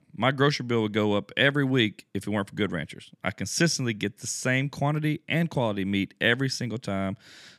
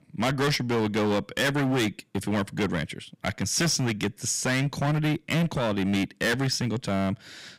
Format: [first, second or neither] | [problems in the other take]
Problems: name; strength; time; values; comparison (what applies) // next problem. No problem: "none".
first | distortion; heavy; 16% of the sound clipped